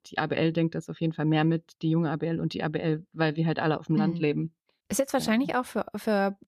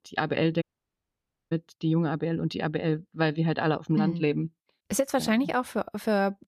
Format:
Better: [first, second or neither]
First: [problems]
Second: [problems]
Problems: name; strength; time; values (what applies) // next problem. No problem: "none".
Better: first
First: none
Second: audio cutting out; at 0.5 s for 1 s